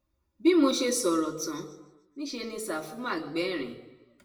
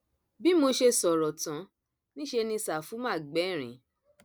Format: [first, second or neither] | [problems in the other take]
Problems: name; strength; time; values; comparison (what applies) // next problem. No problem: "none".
second | room echo; dies away in 0.8 s